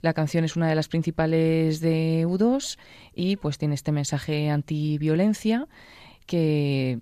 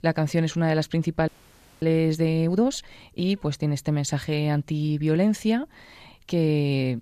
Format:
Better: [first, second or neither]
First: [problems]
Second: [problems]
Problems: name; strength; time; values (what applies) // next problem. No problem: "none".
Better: first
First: none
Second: audio freezing; at 1.5 s for 0.5 s